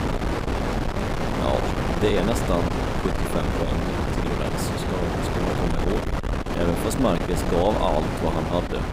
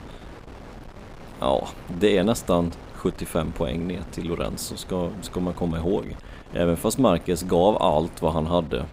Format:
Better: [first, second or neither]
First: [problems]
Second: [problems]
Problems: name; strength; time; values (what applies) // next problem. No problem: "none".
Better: second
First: wind noise on the microphone; heavy; as loud as the speech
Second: wind noise on the microphone; occasional gusts; 20 dB below the speech